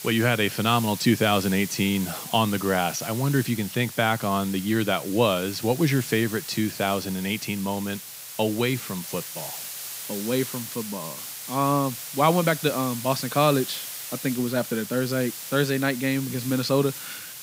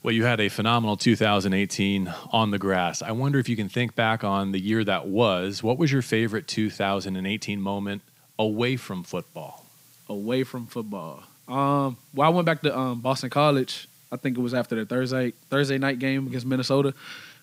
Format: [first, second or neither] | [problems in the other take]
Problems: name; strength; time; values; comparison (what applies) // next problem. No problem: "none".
second | hiss; loud; throughout; 9 dB below the speech; faint in the second